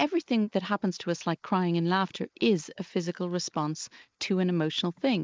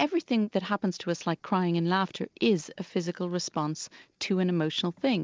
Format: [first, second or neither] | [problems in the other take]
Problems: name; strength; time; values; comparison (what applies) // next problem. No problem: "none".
second | noise reduction (neural mask model Resemble Enhance denoiser)